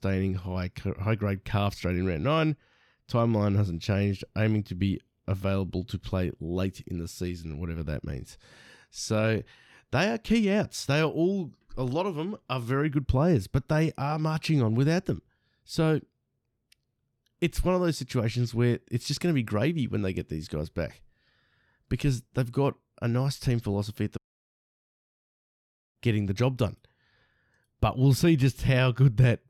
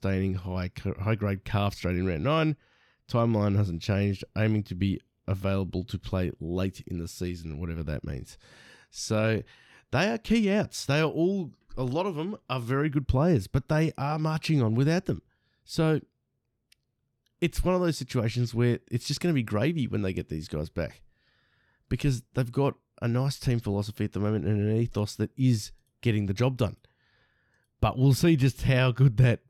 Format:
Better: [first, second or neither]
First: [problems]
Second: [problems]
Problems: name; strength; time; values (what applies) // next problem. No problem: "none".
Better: second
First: audio cutting out; at 24 s for 2 s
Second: none